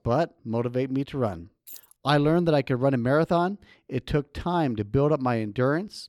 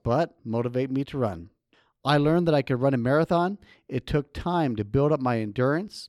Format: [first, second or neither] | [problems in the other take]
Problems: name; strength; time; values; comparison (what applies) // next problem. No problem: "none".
second | jangling keys; faint; at 1.5 s; peak 20 dB below the speech